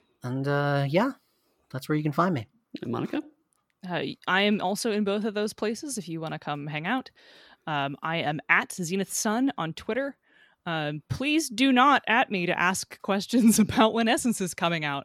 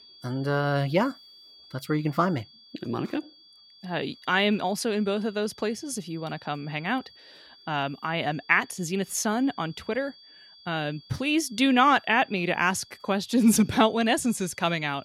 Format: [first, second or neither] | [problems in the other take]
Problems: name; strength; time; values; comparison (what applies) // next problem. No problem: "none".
first | high-pitched whine; faint; throughout; 4.5 kHz, 25 dB below the speech